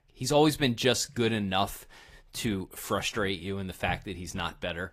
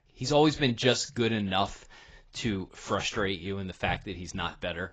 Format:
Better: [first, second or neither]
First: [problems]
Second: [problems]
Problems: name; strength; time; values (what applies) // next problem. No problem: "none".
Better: first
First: garbled, watery; slightly; nothing above 15 kHz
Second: garbled, watery; badly; nothing above 7.5 kHz